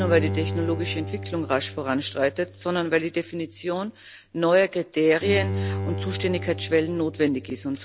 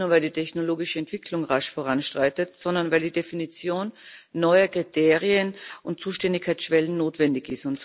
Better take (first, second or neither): second